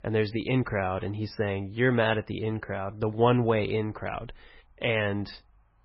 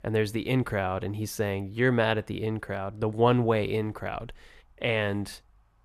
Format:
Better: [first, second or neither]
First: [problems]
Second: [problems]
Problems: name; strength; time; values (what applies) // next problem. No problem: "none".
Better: second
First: garbled, watery; badly; nothing above 5.5 kHz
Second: none